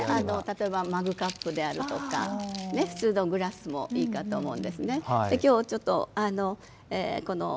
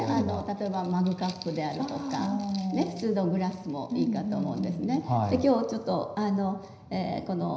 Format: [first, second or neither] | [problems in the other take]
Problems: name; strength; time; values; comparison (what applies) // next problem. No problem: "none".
first | room echo; dies away in 0.9 s